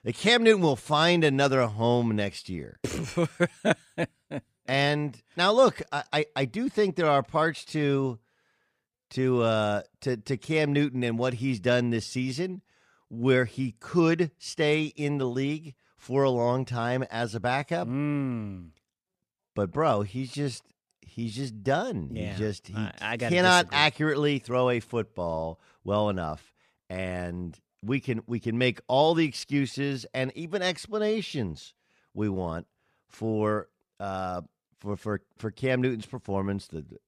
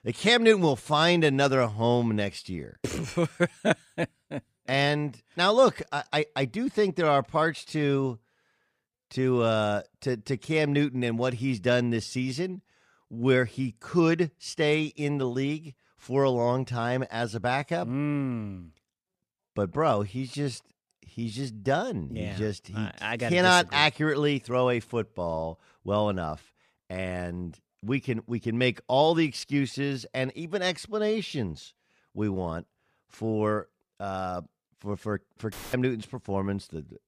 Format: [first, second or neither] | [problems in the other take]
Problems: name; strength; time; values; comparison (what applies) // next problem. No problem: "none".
first | audio cutting out; filled with static; at 36 s